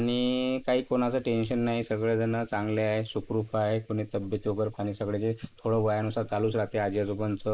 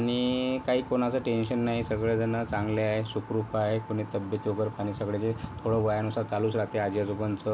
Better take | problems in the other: second | noise reduction (neural mask model Resemble Enhance denoiser)

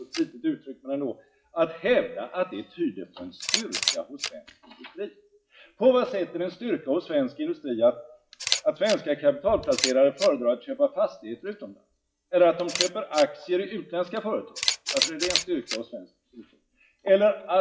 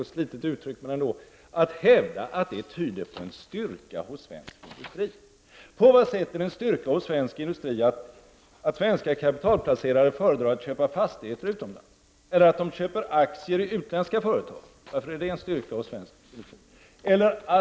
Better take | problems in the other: second | noise reduction (classical method WPE with log-MMSE)

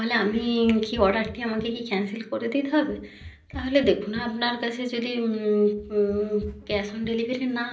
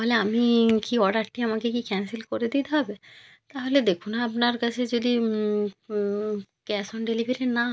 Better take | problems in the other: second | background sound (Run); 17 dB below the speech // room echo; dies away in 0.5 s

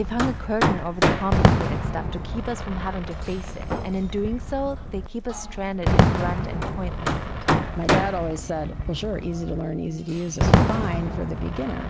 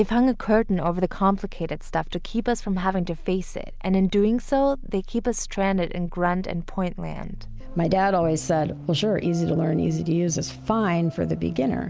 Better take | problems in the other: second | background sound (Hammer + Fireworks); 4 dB above the speech

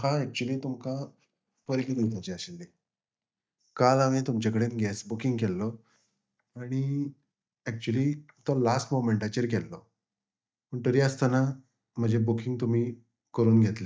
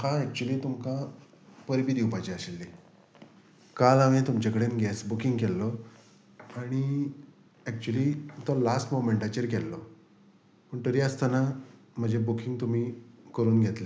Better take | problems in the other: second | noise reduction (neural mask model DeepFilterNet 3)

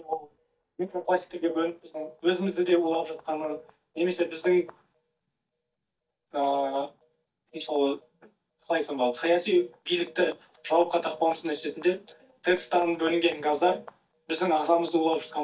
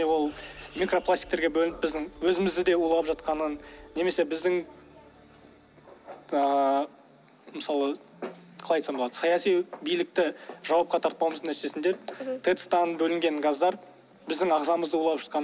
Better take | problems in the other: second | noise reduction (neural mask model DeepFilterNet 3)

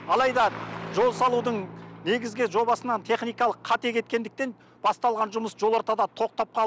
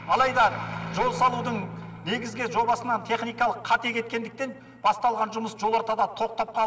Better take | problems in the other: first | room echo; dies away in 2.4 s

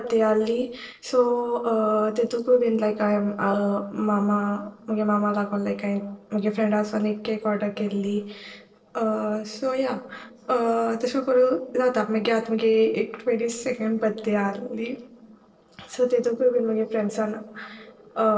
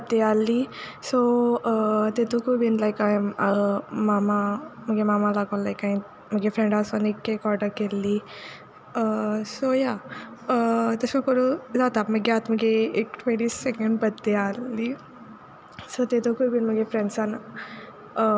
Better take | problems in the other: second | noise reduction (neural separator model SepFormer DNS4)

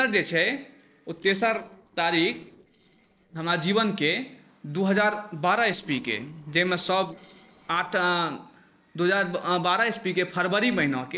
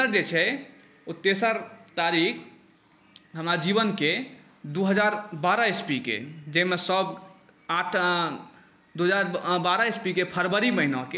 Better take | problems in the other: second | noise reduction (neural separator model SepFormer DNS4)

